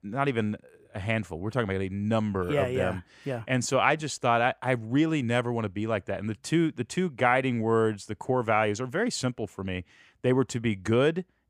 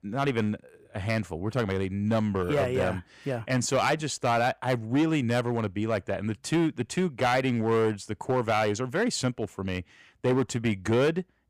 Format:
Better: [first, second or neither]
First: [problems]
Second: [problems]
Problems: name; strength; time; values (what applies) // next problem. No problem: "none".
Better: first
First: none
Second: distortion; slight; 6% of the sound clipped